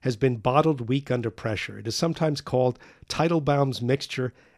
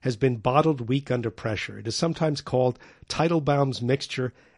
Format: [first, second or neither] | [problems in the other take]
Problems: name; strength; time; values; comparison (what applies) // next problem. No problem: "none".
first | garbled, watery; slightly; nothing above 10.5 kHz